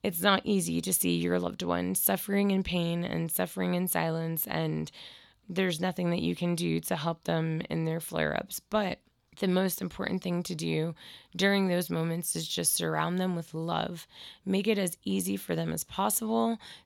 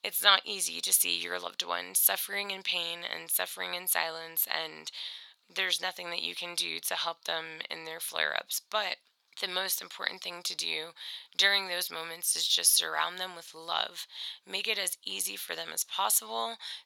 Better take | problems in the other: first | thin; very; fading below 1 kHz

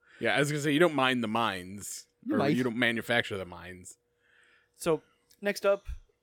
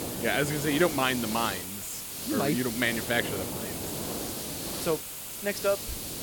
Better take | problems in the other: first | hiss; loud; throughout; 4 dB below the speech

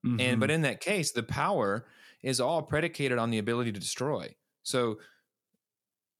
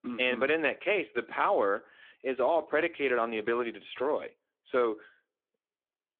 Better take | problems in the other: first | phone-call audio; nothing above 3.5 kHz

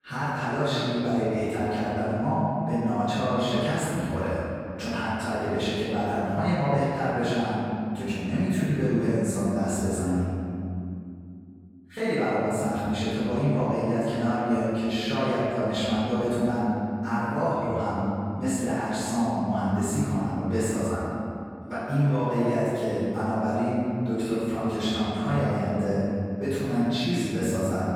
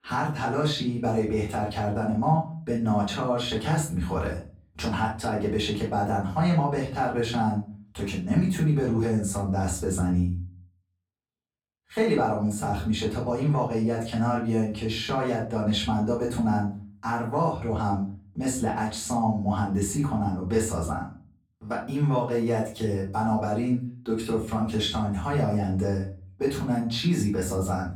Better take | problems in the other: second | room echo; strong; dies away in 2.6 s; slight in the second // off-mic speech; far; far in the second

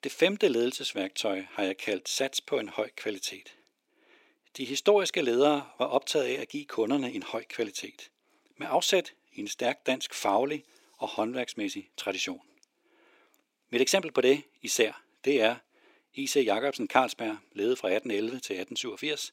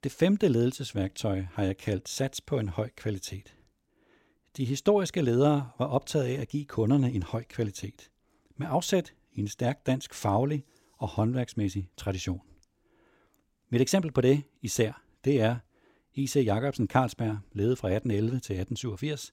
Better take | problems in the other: second | thin; somewhat; fading below 350 Hz

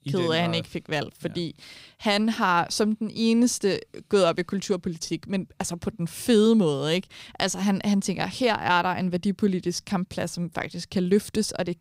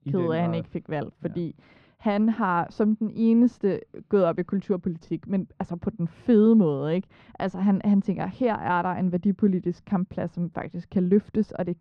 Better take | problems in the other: first | muffled; very; fading above 1.5 kHz

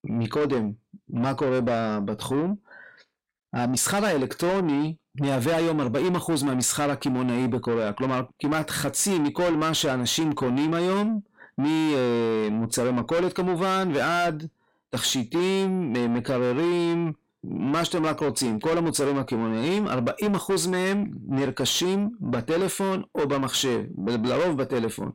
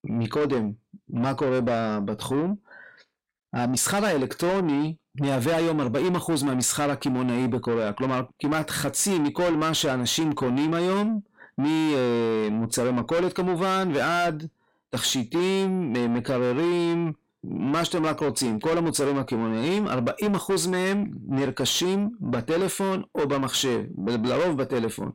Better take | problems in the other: neither | distortion; heavy; 8 dB below the speech; the same in both

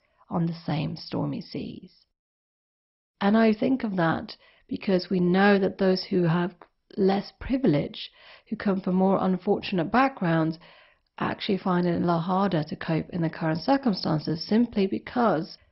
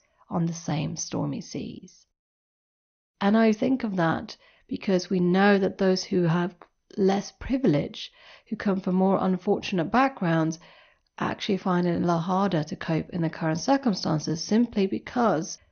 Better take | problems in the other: second | garbled, watery; badly; nothing above 5.5 kHz; slightly in the second

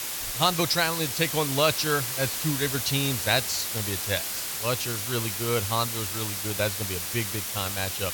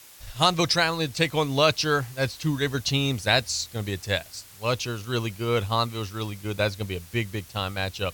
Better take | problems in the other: second | hiss; loud; throughout; 1 dB below the speech; faint in the second

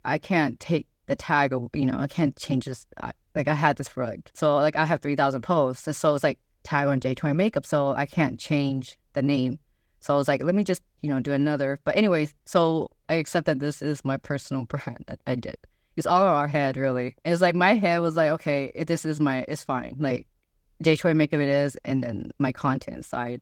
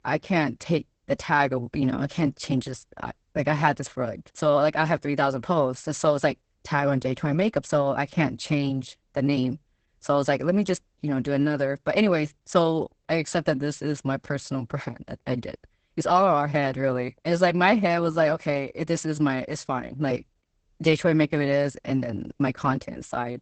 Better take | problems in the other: first | garbled, watery; badly; nothing above 8 kHz; slightly in the first

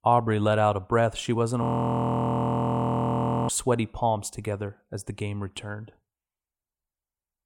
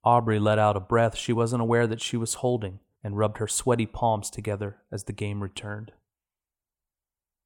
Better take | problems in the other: second | audio freezing; at 1.5 s for 2 s

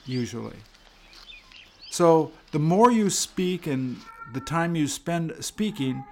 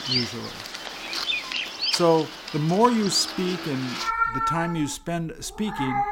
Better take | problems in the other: first | animal sounds; loud; throughout; 2 dB below the speech; faint in the first

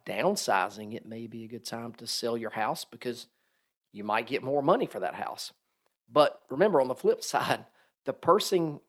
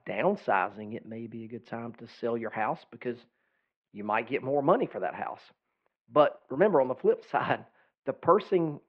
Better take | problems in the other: first | muffled; very; fading above 2.5 kHz

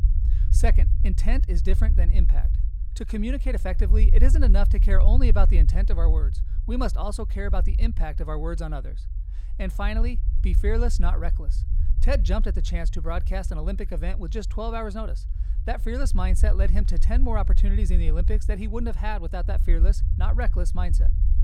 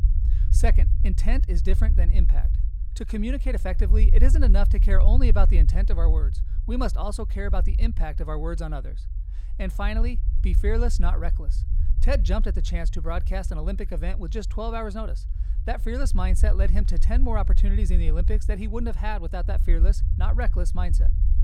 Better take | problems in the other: neither | low rumble; noticeable; throughout; 10 dB below the speech; the same in both

